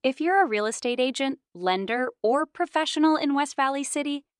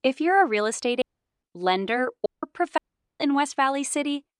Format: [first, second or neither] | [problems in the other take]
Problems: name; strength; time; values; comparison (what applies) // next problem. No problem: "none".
first | audio cutting out; at 1 s, at 2.5 s and at 3 s